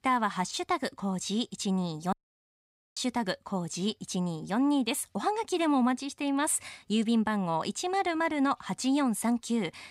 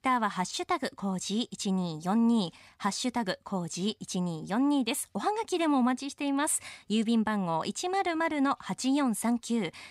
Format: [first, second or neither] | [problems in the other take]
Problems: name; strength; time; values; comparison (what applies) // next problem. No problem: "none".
second | audio cutting out; at 2 s for 1 s